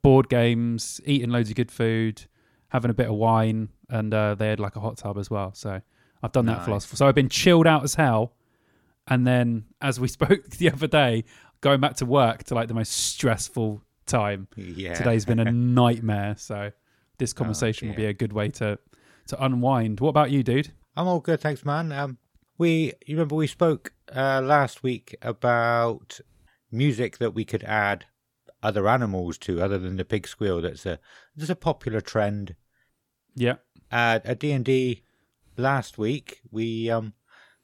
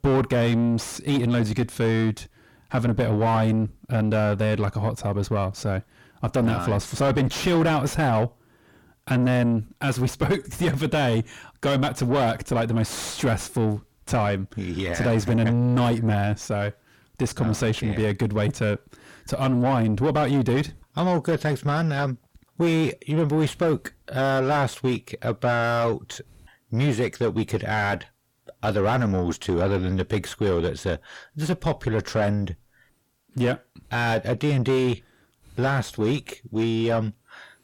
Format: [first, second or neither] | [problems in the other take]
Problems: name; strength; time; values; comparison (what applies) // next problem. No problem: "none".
first | distortion; heavy; 6 dB below the speech